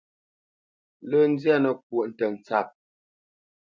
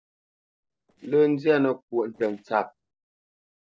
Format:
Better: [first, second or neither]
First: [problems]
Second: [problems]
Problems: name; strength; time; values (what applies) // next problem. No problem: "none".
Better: first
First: none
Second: noise reduction (neural separator model SepFormer DNS4)